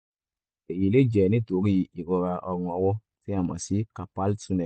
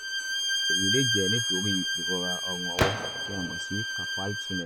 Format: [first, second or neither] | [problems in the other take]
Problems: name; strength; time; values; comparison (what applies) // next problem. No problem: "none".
first | background sound (Bowed string instrument + Gunshot, gunfire); 5 dB above the speech